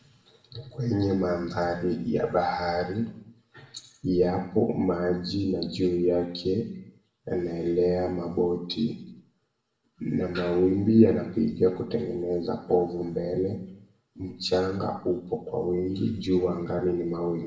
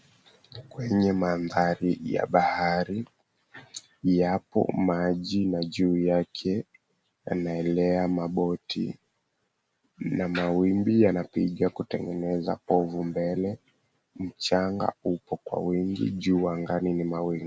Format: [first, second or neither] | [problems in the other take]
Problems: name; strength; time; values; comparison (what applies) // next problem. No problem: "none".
second | room echo; dies away in 0.7 s